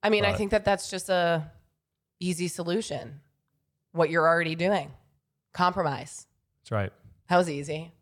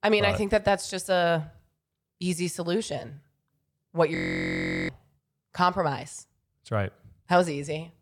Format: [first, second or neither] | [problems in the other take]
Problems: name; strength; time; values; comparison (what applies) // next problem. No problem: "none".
first | audio freezing; at 4 s for 0.5 s